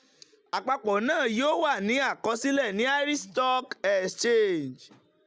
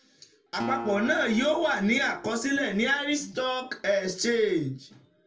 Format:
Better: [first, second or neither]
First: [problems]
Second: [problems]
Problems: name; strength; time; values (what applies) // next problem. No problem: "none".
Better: first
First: none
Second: background sound (Acoustic guitar); 13 dB below the speech // room echo; dies away in 0.2 s